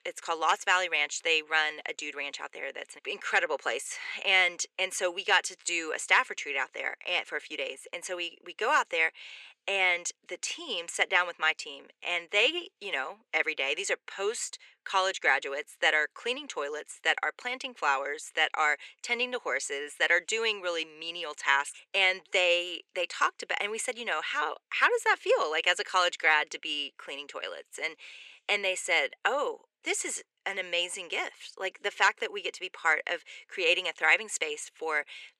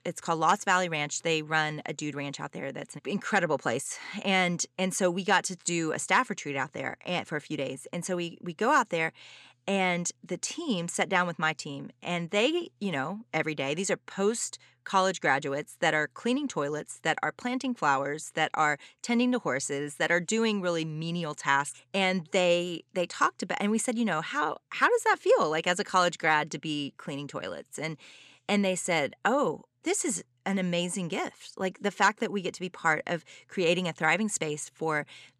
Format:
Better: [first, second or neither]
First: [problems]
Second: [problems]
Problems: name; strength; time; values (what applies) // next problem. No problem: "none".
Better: second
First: thin; very; fading below 400 Hz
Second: none